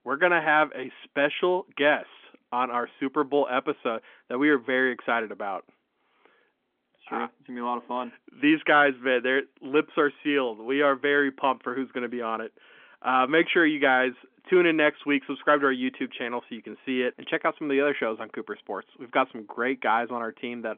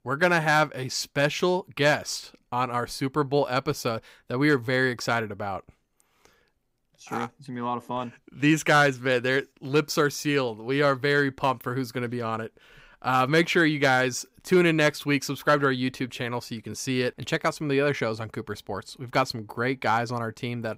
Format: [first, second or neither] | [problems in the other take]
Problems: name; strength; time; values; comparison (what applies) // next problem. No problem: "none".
second | phone-call audio; nothing above 3.5 kHz